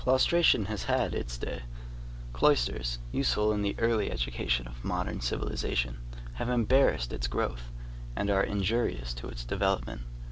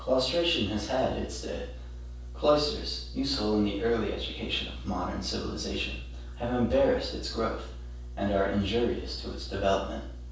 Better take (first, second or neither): first